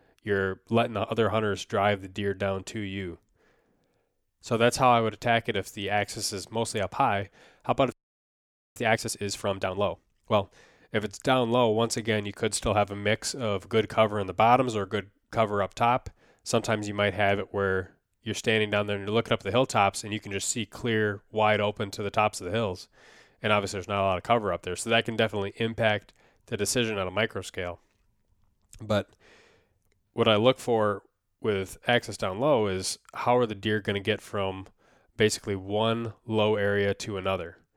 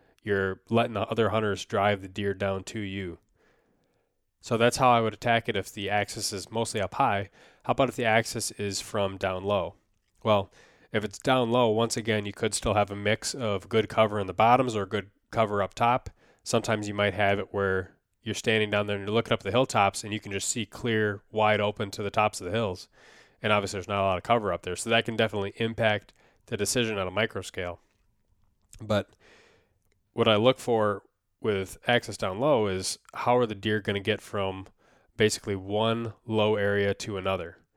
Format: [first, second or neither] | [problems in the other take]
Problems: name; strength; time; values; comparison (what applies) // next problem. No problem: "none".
second | audio freezing; at 8 s for 1 s